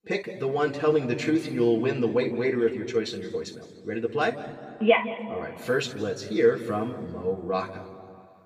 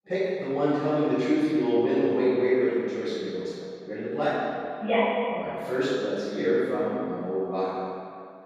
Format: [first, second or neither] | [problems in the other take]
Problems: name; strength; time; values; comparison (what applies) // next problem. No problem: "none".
first | room echo; strong; dies away in 2.2 s; slight in the first // off-mic speech; far; far in the first